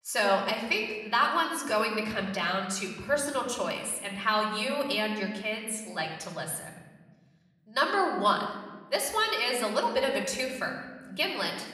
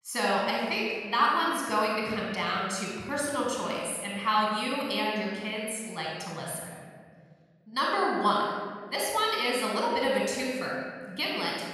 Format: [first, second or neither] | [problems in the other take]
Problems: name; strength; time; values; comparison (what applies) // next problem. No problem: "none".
first | room echo; strong; dies away in 1.7 s; slight in the first // off-mic speech; somewhat distant; somewhat distant in the first